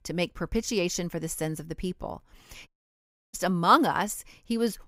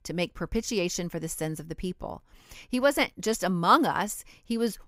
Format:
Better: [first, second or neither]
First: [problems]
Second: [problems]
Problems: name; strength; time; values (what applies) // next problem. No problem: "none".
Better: second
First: audio cutting out; at 2.5 s for 0.5 s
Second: none